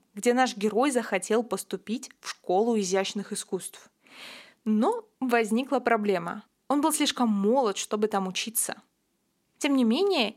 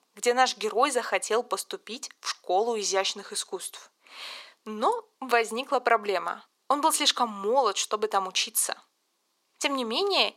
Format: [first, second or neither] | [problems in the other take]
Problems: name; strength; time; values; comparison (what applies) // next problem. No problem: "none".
first | thin; somewhat; fading below 550 Hz